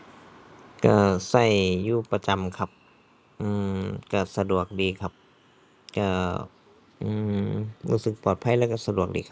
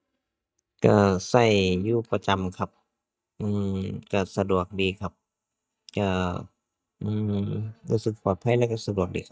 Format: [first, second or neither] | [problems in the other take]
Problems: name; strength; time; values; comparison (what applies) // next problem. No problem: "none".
first | noise reduction (neural mask model DeepFilterNet 3)